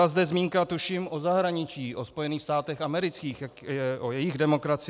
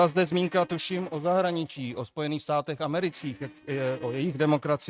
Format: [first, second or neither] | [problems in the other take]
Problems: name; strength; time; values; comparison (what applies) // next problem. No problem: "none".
first | noise reduction (neural mask model RNNoise)